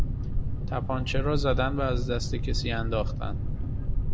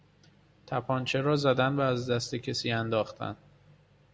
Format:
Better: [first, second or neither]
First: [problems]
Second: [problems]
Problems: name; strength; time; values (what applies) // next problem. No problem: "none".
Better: second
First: background sound (Boat, Water vehicle); 4 dB above the speech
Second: none